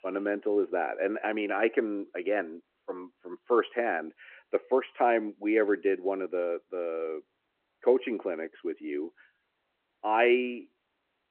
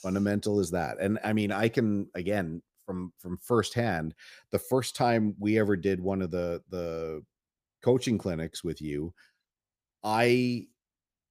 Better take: second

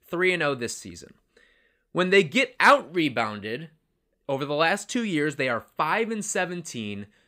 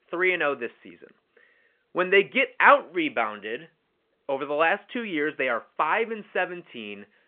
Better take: first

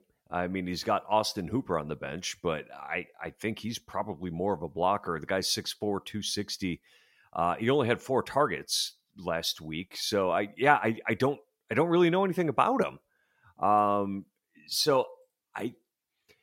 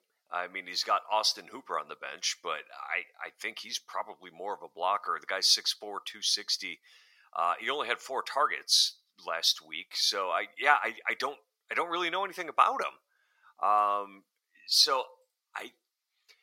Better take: first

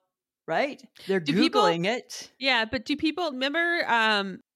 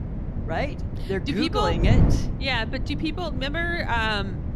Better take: first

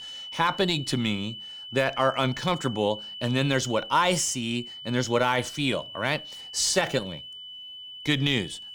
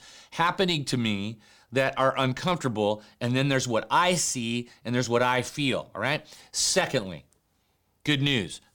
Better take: second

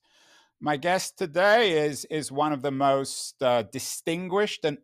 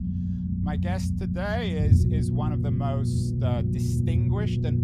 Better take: first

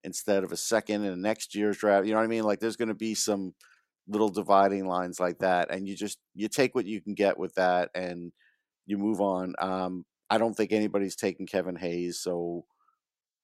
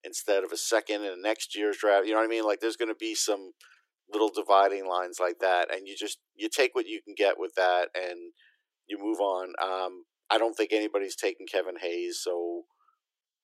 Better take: first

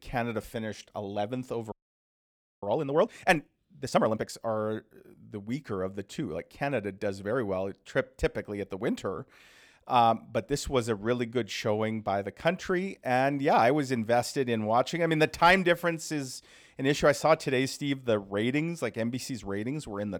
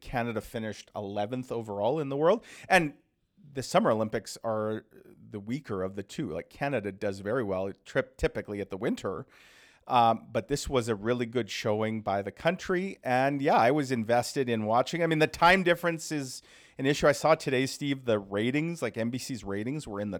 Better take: second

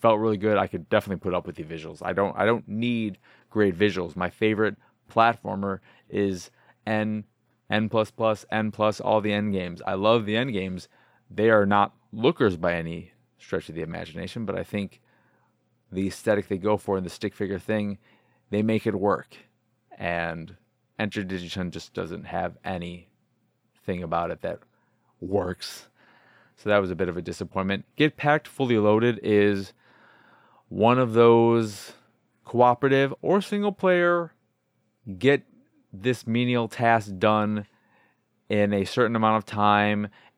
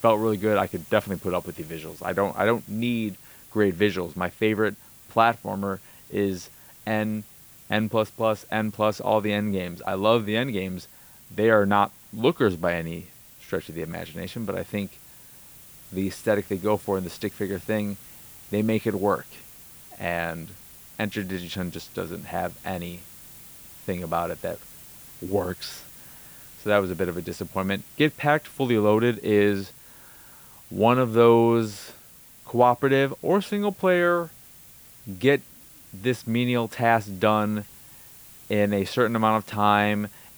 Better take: first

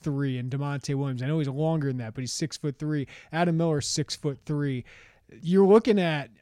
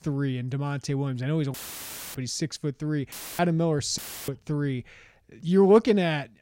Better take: first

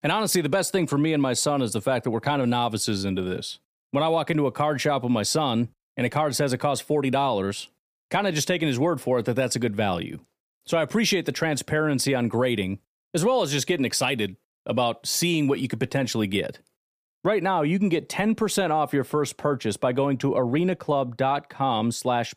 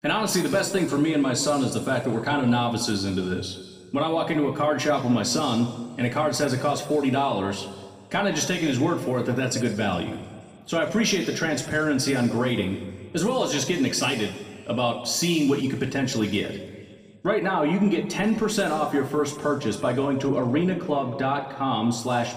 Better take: first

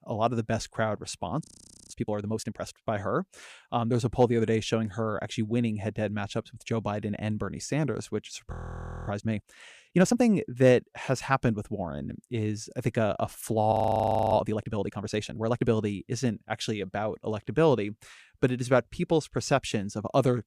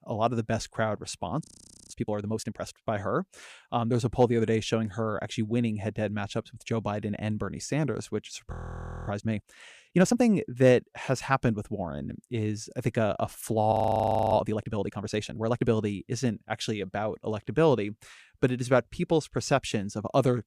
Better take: neither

